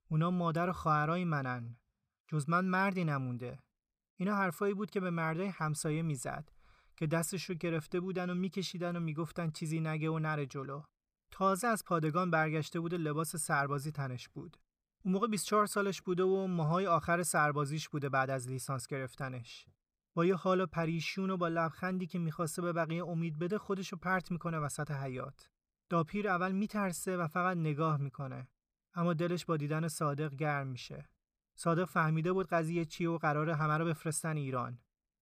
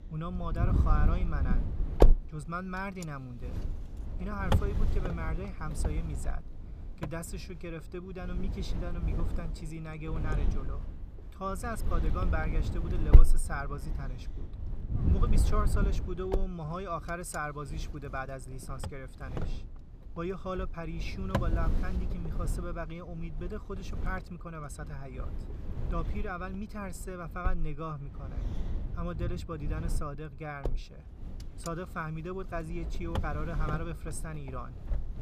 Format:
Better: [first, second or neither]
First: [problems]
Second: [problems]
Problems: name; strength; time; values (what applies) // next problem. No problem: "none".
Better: first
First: none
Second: wind noise on the microphone; heavy; 4 dB below the speech